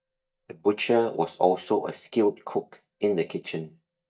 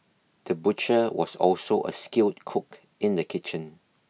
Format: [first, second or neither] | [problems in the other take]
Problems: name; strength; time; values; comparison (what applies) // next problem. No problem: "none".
second | noise reduction (neural mask model DeepFilterNet 3)